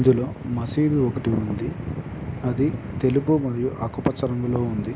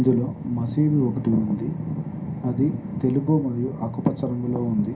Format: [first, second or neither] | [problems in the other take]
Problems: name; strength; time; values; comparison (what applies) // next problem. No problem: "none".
first | room echo; dies away in 0.3 s